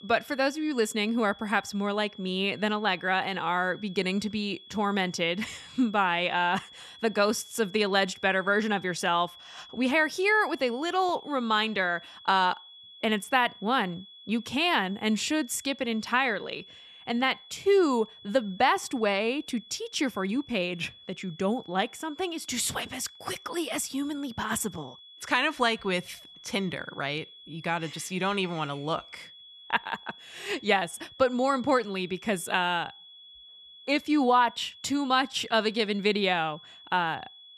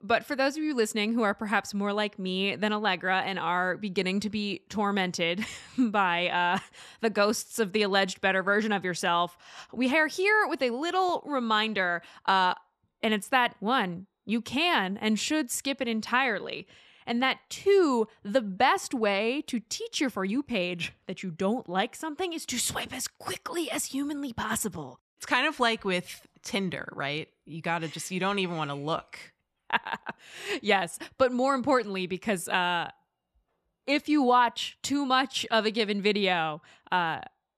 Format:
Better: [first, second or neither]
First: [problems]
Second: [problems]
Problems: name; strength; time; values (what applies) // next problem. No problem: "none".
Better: second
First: high-pitched whine; noticeable; throughout; 3.5 kHz, 20 dB below the speech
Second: none